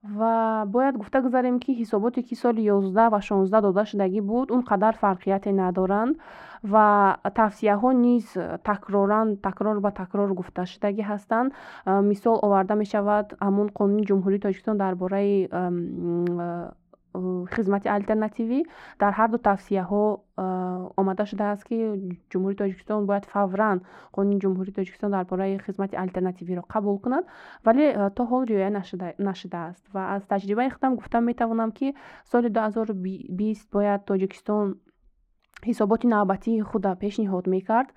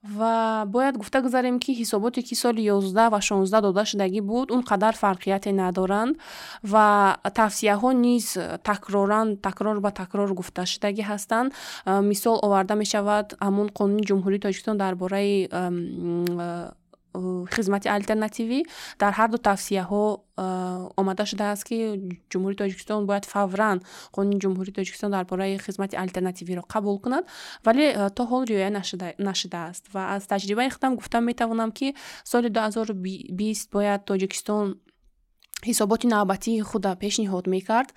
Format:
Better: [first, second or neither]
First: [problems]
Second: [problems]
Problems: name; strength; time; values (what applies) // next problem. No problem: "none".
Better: second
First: muffled; very; fading above 3 kHz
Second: none